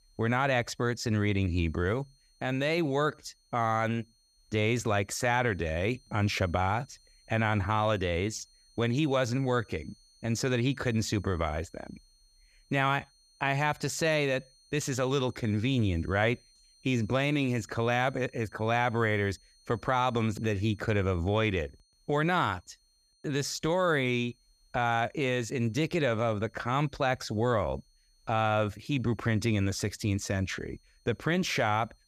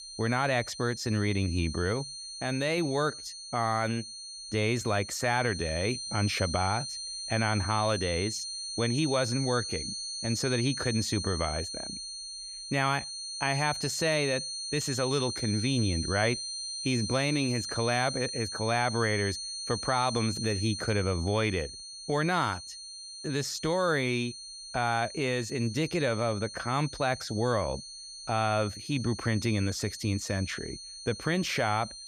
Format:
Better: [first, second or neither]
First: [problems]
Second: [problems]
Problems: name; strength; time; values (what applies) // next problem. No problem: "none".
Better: first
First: high-pitched whine; faint; throughout; 4 kHz, 35 dB below the speech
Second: high-pitched whine; loud; throughout; 4 kHz, 7 dB below the speech